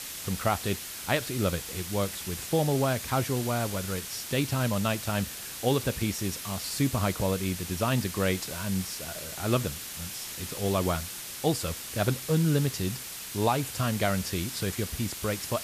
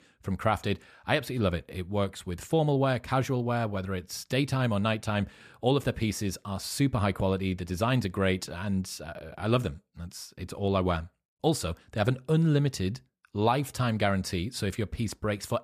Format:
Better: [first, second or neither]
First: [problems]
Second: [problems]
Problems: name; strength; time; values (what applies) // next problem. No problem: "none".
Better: second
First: hiss; loud; throughout; 6 dB below the speech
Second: none